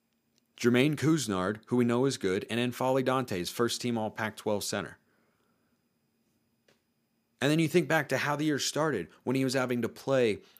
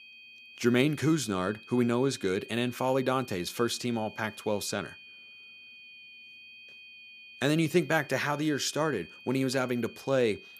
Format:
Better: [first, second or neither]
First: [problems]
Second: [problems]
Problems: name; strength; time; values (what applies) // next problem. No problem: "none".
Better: first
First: none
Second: high-pitched whine; noticeable; throughout; 2.5 kHz, 20 dB below the speech